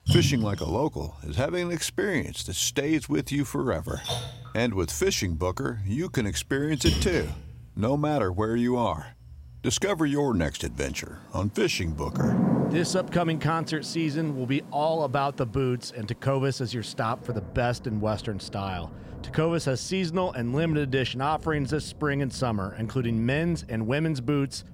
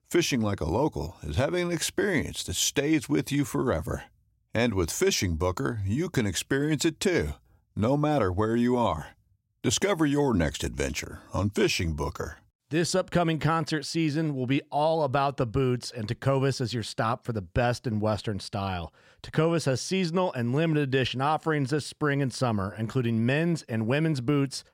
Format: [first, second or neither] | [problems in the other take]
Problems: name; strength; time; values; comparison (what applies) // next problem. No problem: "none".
second | rain or running water; loud; throughout; 7 dB below the speech